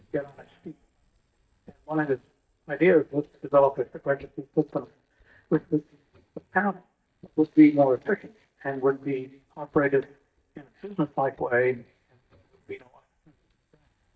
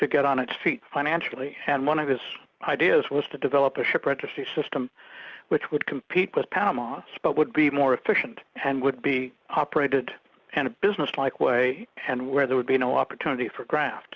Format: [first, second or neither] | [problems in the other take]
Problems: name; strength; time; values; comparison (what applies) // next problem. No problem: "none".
second | noise reduction (neural mask model DeepFilterNet 3)